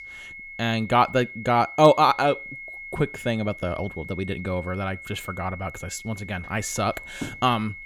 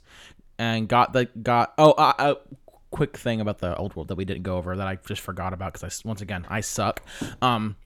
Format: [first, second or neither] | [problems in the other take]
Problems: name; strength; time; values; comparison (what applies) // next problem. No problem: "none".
second | high-pitched whine; noticeable; throughout; 2 kHz, 15 dB below the speech